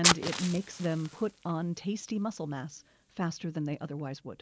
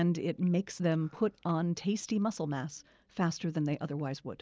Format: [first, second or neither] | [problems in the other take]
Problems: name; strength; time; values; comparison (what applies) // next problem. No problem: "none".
second | background sound (Fire); 2 dB below the speech